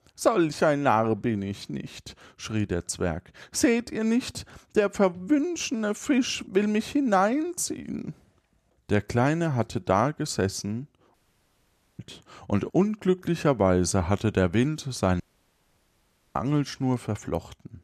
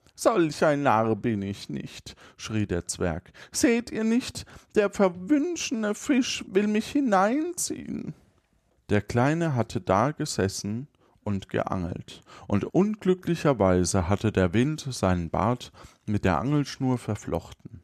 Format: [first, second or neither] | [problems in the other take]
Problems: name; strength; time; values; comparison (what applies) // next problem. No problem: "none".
second | audio cutting out; at 11 s for 1 s and at 15 s for 1 s